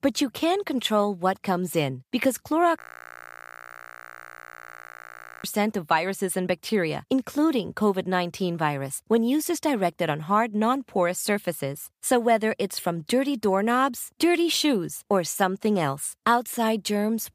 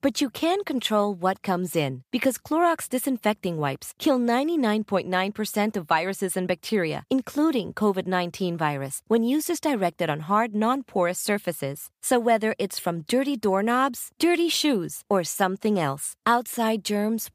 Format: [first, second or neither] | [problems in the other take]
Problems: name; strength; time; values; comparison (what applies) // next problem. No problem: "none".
second | audio freezing; at 3 s for 2.5 s